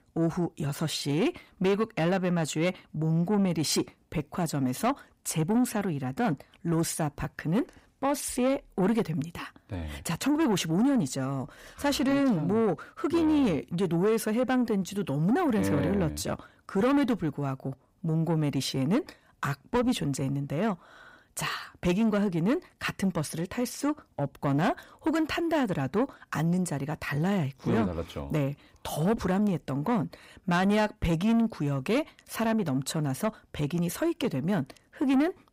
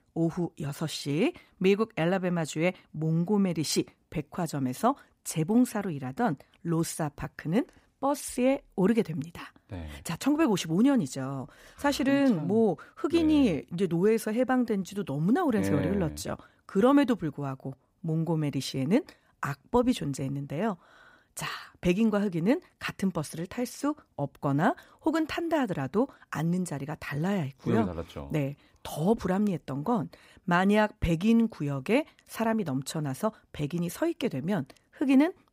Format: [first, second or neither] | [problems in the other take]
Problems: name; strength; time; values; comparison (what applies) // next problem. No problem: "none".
second | distortion; slight; 10 dB below the speech